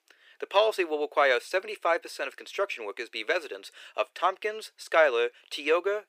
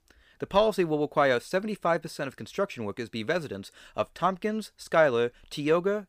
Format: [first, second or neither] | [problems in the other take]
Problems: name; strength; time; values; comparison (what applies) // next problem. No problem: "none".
second | thin; very; fading below 350 Hz